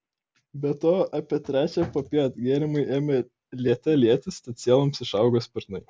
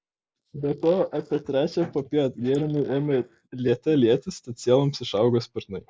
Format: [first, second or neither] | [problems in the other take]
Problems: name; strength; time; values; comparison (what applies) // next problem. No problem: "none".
first | noise reduction (neural mask model Resemble Enhance denoiser)